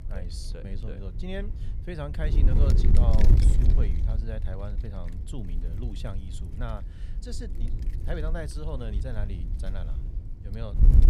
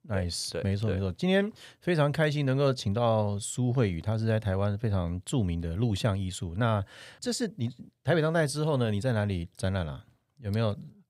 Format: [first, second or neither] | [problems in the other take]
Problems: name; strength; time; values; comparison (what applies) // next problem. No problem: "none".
second | wind noise on the microphone; heavy; 3 dB below the speech